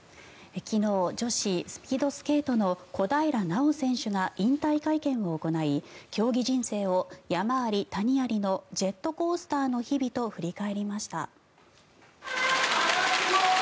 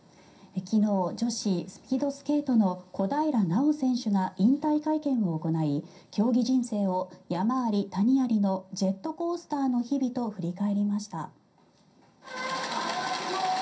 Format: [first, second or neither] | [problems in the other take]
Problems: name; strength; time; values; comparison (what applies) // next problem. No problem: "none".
first | room echo; dies away in 0.3 s